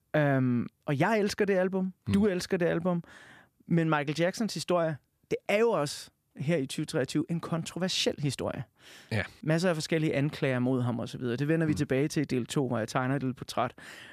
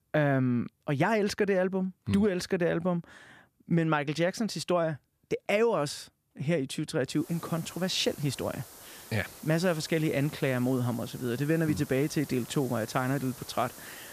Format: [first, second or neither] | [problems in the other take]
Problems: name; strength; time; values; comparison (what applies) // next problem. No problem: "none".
first | hiss; noticeable; from 7 s on; 15 dB below the speech